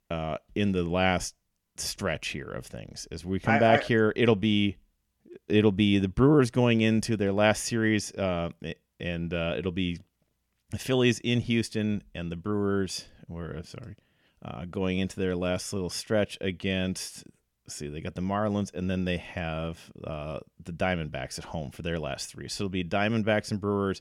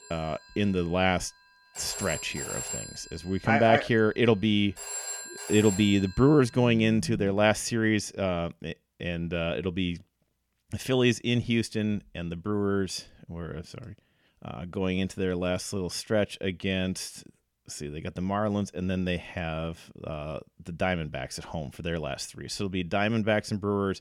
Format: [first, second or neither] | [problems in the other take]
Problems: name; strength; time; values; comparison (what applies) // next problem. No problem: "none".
first | alarms or sirens; loud; until 8 s; 9 dB below the speech